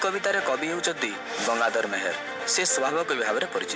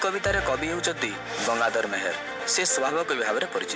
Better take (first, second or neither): first